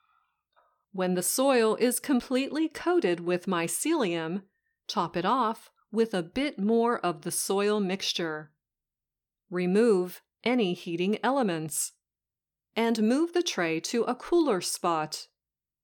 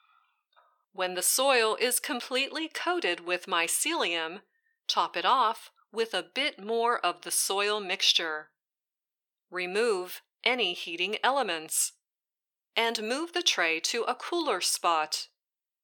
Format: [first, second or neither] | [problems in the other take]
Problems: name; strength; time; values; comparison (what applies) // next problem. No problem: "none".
first | thin; very; fading below 600 Hz